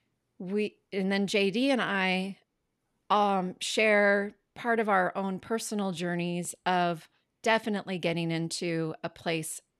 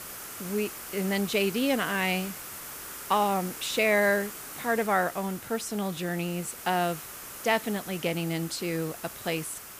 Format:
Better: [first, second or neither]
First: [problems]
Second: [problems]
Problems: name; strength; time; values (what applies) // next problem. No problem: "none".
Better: first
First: none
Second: hiss; noticeable; throughout; 10 dB below the speech